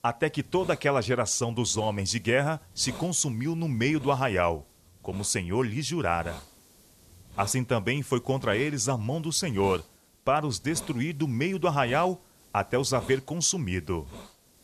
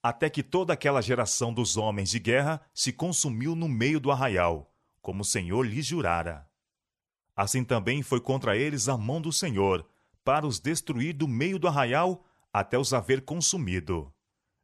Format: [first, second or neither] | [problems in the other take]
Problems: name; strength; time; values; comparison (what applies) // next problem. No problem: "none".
second | hiss; faint; throughout; 20 dB below the speech